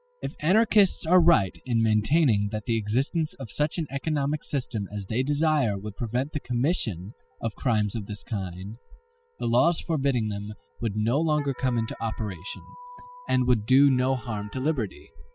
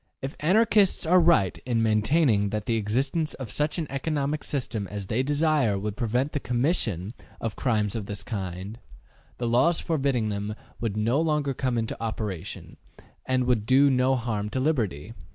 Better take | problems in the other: second | noise reduction (classical method spectral subtraction)

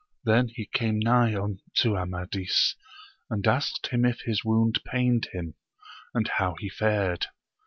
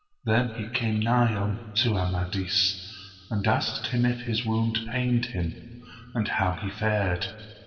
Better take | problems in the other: first | room echo; dies away in 2.5 s

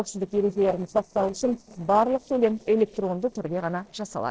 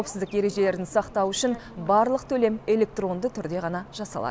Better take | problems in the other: second | noise reduction (neural separator model SepFormer DNS4)

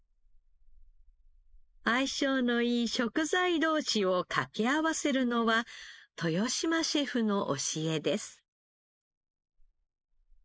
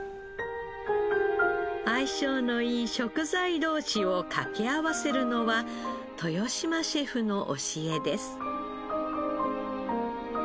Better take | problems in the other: second | noise reduction (neural mask model Resemble Enhance denoiser)

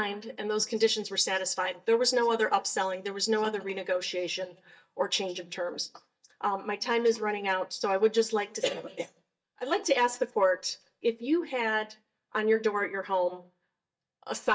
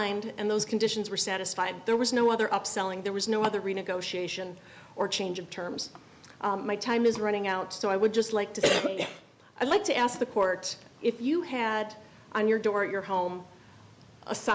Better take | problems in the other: second | noise reduction (neural mask model DeepFilterNet 3)

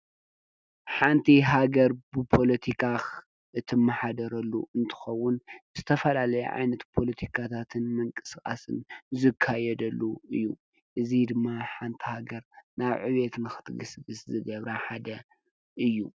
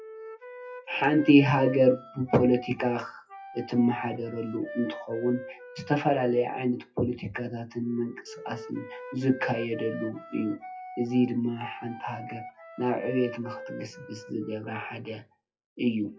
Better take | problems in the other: first | noise reduction (classical method WPE with log-MMSE)

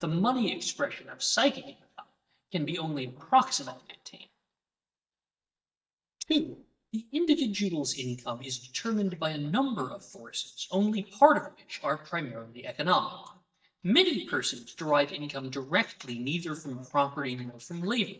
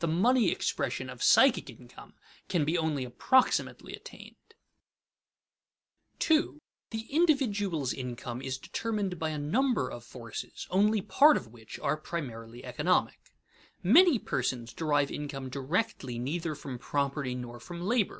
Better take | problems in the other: second | noise reduction (neural mask model DeepFilterNet 3)

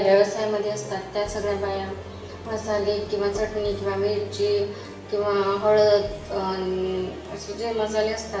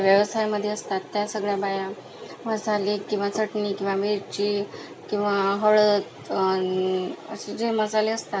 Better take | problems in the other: second | background sound (Musical instrument); 15 dB below the speech // room echo; dies away in 0.7 s

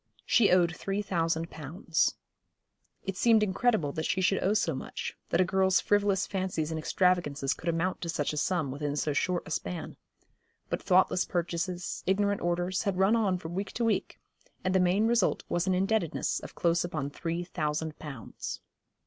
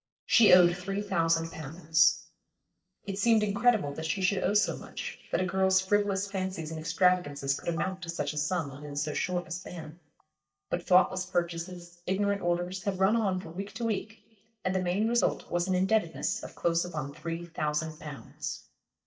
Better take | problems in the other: first | noise reduction (neural mask model DeepFilterNet 3)

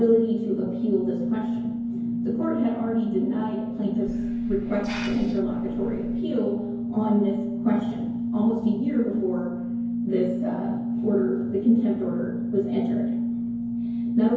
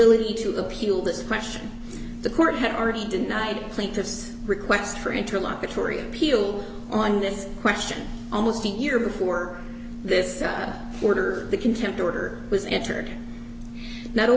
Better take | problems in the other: second | background sound (Hiss); 14 dB below the speech // room echo; dies away in 0.9 s

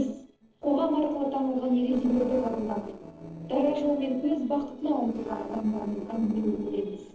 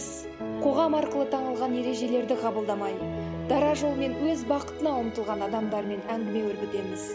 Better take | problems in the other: second | noise reduction (neural separator model SepFormer DNS4)

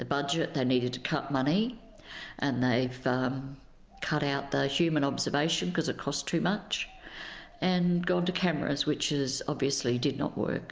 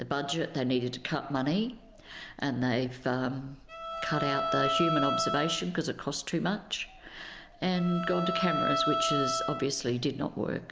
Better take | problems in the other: first | background sound (Bowed string instrument); 1 dB below the speech

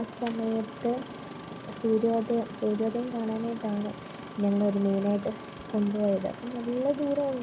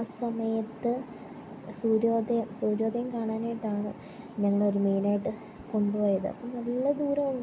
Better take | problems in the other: second | background sound (Engine starting); 16 dB below the speech

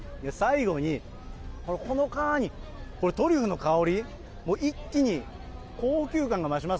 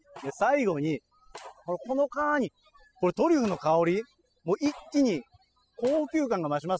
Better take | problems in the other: first | noise reduction (classical method spectral subtraction)

